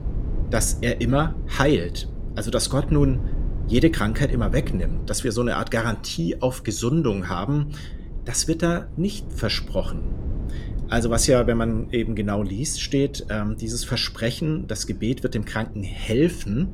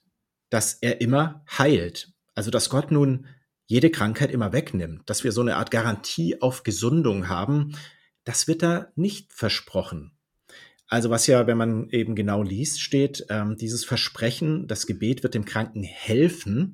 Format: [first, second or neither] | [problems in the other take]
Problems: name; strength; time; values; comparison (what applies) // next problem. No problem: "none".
second | low rumble; noticeable; throughout; 20 dB below the speech